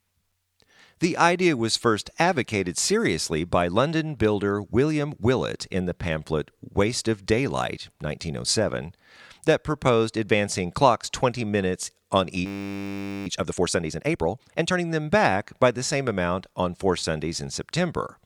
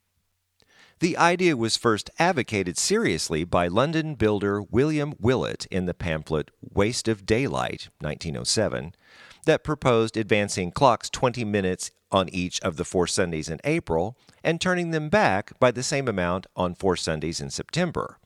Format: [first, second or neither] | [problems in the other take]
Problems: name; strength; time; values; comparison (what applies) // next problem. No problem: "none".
second | audio freezing; at 12 s for 1 s